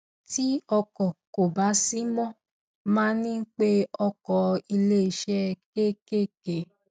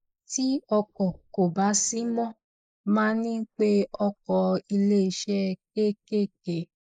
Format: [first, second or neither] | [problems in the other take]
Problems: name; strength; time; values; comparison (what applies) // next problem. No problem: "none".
first | noise reduction (neural mask model Resemble Enhance denoiser)